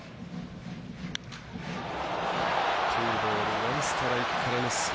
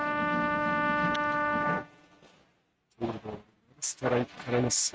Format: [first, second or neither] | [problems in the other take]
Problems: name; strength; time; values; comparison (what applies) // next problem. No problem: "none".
first | noise reduction (neural mask model RNNoise)